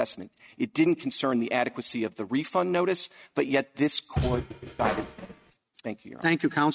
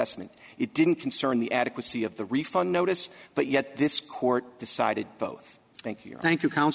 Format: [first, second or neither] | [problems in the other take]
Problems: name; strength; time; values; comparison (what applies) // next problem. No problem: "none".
second | noise reduction (neural mask model RNNoise)